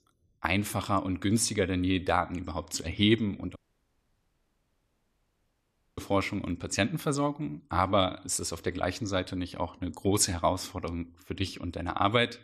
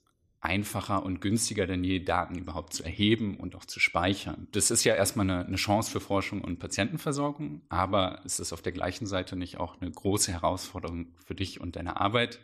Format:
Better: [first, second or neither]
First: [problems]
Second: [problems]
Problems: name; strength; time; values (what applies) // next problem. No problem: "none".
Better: second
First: audio cutting out; at 3.5 s for 2.5 s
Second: none